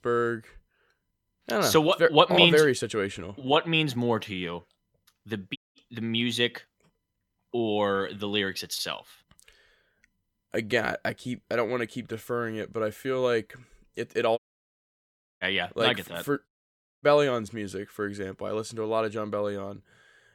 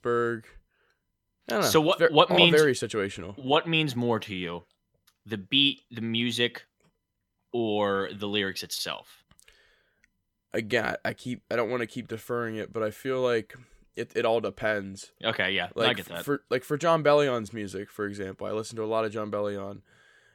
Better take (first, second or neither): second